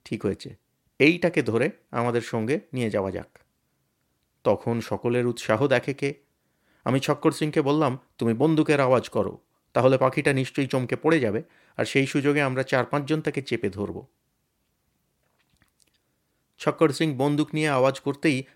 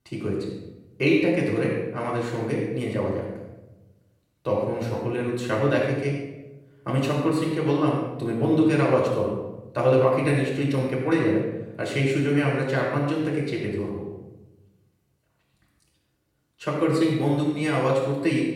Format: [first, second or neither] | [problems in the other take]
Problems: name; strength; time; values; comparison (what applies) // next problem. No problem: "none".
first | off-mic speech; far // room echo; noticeable; dies away in 0.9 s